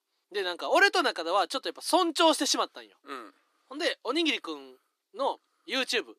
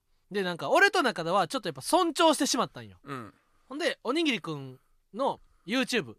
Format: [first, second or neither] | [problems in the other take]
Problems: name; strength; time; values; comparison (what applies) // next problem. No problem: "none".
second | thin; very slightly; fading below 300 Hz